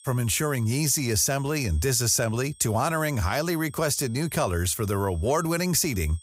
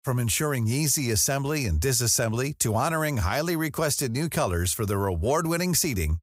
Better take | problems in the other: second | high-pitched whine; faint; throughout; 8.5 kHz, 25 dB below the speech

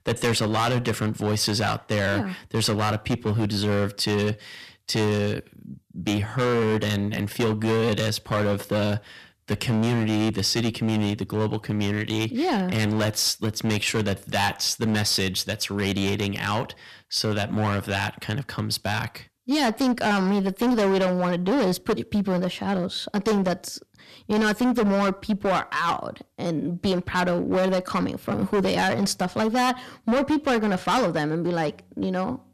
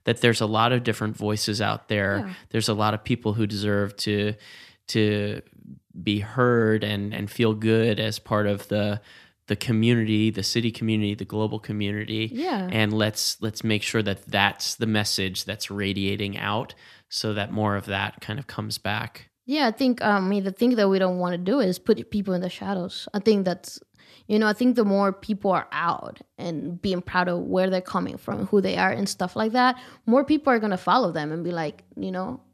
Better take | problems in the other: second | distortion; heavy; 14% of the sound clipped

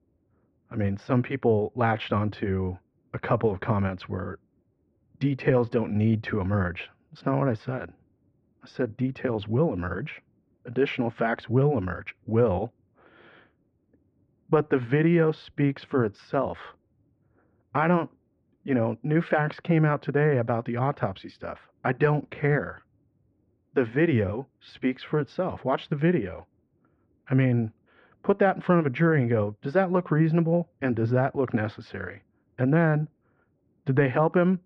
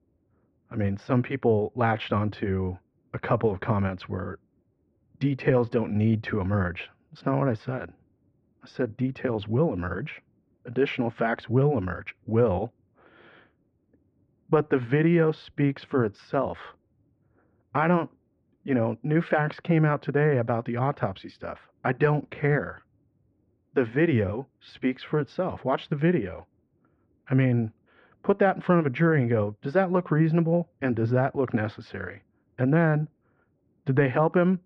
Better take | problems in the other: neither | muffled; very; fading above 2 kHz; the same in both

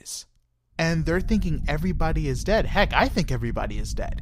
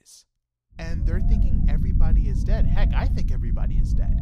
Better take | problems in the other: first | low rumble; loud; from 1 s on; 1 dB below the speech; faint in the first

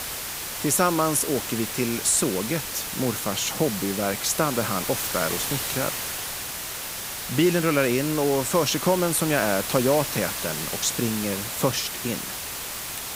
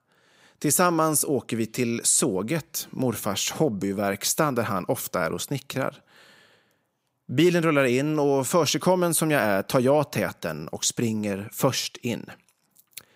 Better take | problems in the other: second | hiss; loud; throughout; 4 dB below the speech

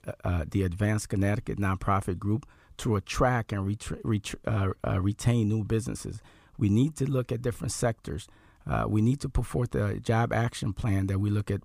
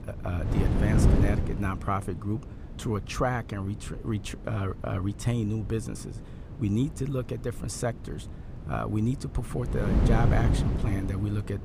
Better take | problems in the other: first | wind noise on the microphone; heavy; 2 dB below the speech

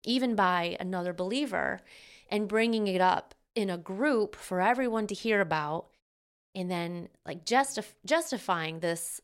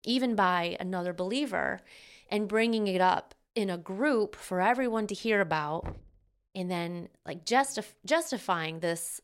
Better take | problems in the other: first | door banging; faint; at 6 s; peak 15 dB below the speech

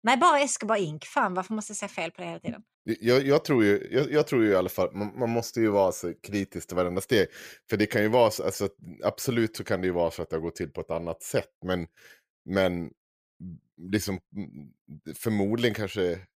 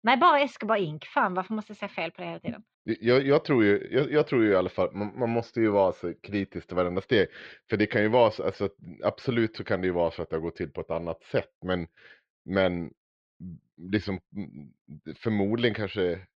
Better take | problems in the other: first | muffled; slightly; fading above 4 kHz

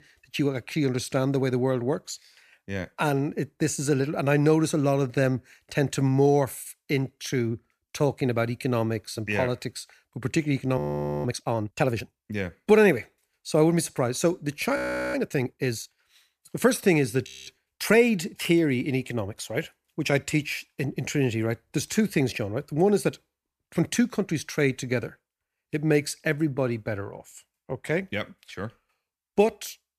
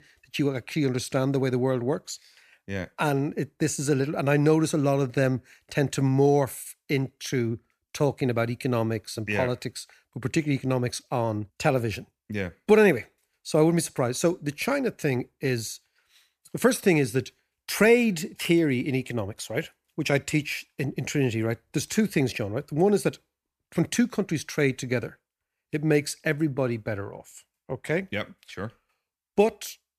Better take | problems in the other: second | audio freezing; at 11 s, at 15 s and at 17 s

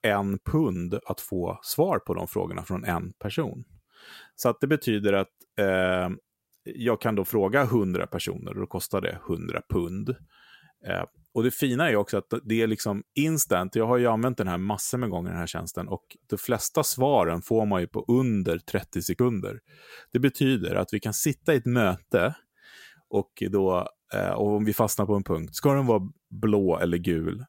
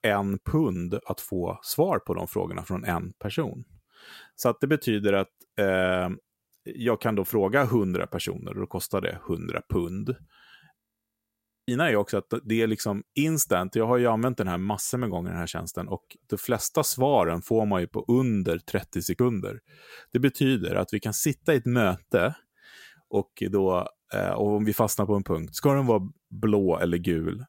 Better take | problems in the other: first | audio freezing; at 11 s for 1 s

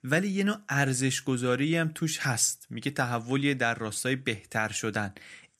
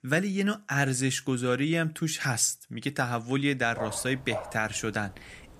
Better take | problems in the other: first | dog barking; noticeable; from 3.5 s on; peak 9 dB below the speech

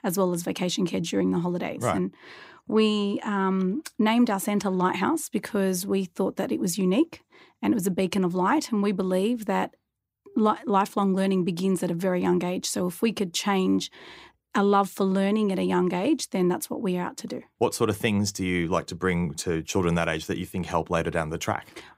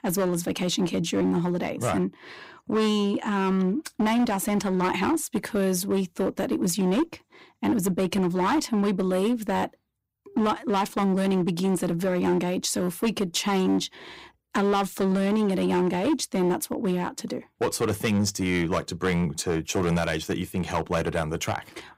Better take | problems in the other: first | distortion; slight; 11% of the sound clipped

